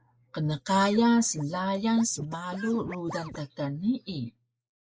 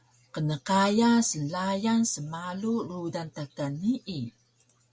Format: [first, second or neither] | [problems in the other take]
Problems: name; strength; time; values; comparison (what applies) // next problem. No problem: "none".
second | noise reduction (neural mask model Resemble Enhance denoiser)